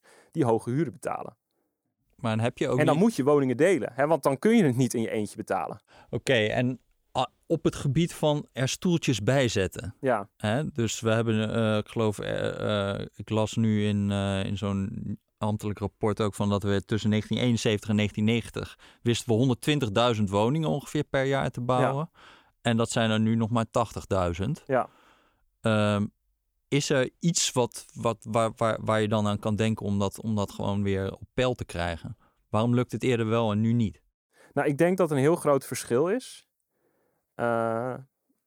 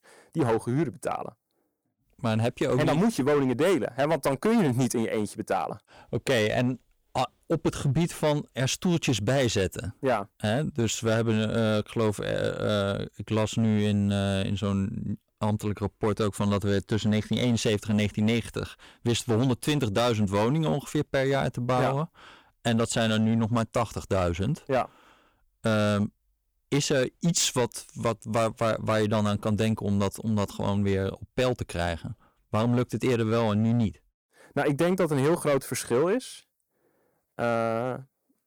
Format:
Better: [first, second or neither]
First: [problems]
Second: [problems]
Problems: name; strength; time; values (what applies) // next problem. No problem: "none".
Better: first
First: none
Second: distortion; slight; 8% of the sound clipped